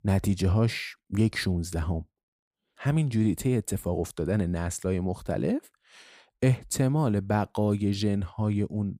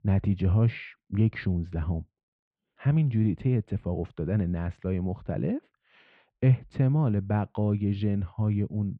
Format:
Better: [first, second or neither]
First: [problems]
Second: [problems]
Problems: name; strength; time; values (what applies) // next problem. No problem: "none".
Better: first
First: none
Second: muffled; very; fading above 3 kHz